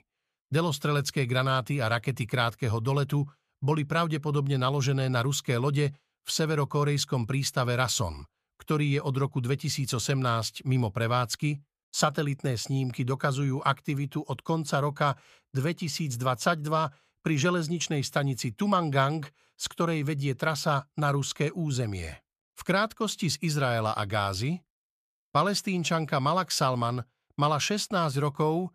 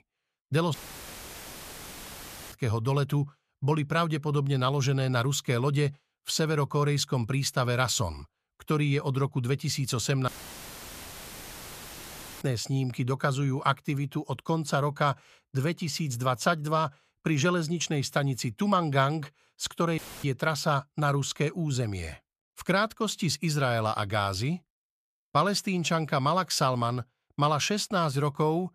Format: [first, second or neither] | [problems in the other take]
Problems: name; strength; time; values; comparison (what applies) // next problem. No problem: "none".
first | audio cutting out; filled with static; at 0.5 s for 2 s, at 10 s for 2 s and at 20 s